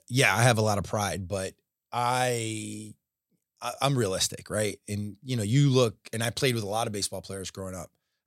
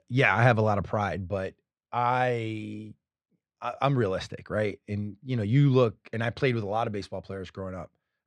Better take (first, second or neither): first